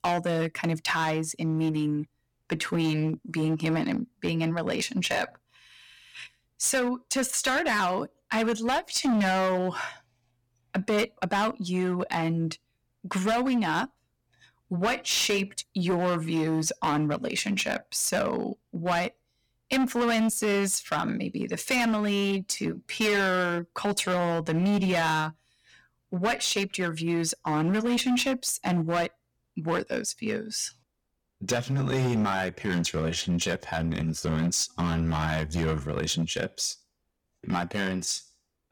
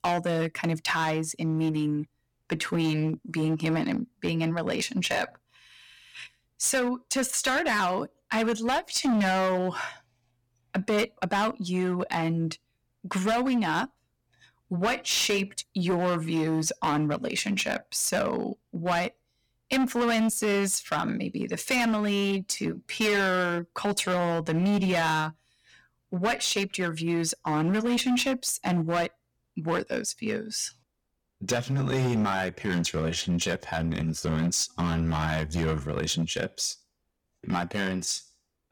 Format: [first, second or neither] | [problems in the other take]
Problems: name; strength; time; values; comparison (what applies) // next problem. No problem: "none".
neither | distortion; heavy; 11% of the sound clipped; the same in both